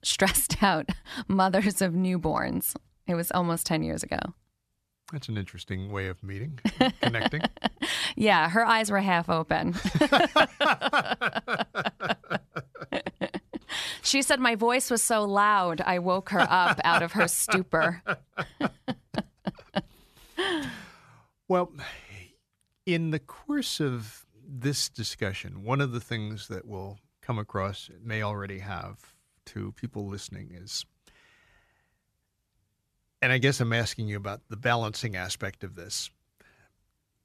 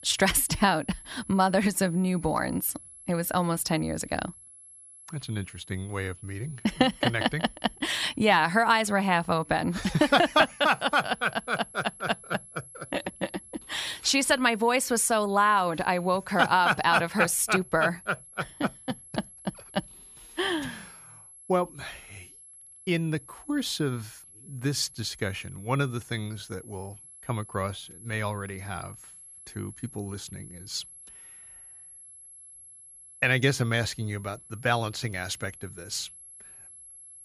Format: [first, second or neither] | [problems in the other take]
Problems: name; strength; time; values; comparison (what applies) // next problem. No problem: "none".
first | high-pitched whine; noticeable; throughout; 11 kHz, 20 dB below the speech